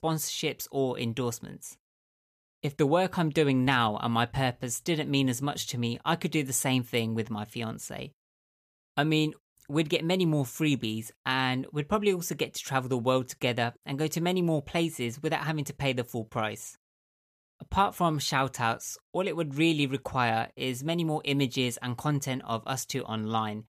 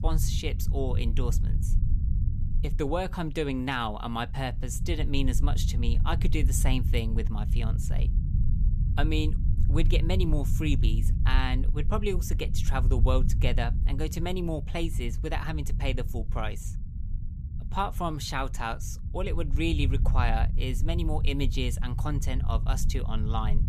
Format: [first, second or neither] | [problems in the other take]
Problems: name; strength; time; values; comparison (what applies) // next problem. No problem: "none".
first | low rumble; noticeable; throughout; 10 dB below the speech